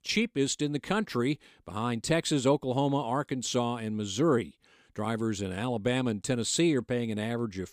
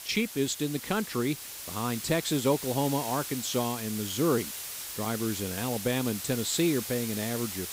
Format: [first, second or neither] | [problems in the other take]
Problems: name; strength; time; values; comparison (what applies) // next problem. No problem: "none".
first | hiss; loud; throughout; 6 dB below the speech